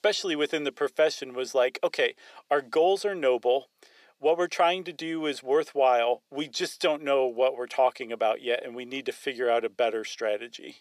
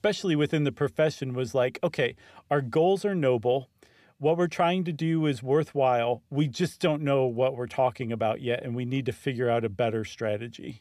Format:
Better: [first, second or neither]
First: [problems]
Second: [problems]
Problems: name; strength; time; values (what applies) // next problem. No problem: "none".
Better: second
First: thin; somewhat; fading below 400 Hz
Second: none